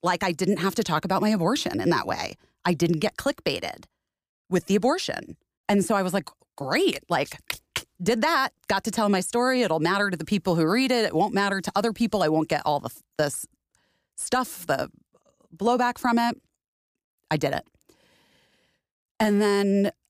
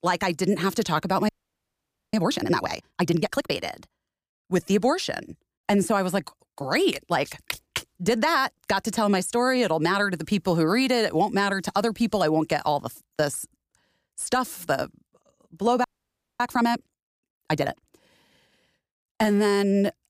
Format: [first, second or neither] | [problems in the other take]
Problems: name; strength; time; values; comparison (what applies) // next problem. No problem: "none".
first | audio freezing; at 1.5 s for 1 s and at 16 s for 0.5 s